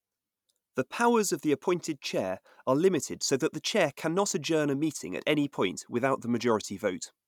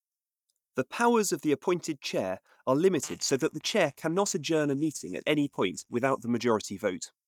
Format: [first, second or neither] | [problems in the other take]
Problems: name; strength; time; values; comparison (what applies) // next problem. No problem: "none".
first | noise reduction (neural mask model DeepFilterNet 3)